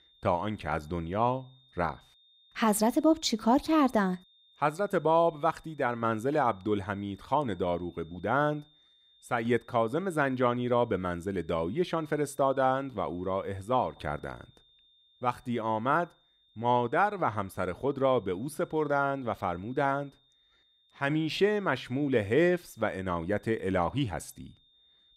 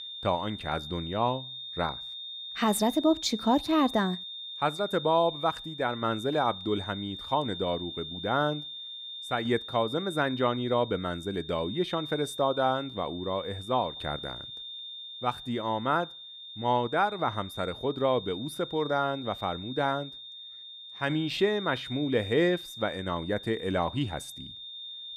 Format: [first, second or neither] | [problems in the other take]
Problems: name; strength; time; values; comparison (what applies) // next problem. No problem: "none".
first | high-pitched whine; loud; throughout; 3.5 kHz, 10 dB below the speech; faint in the first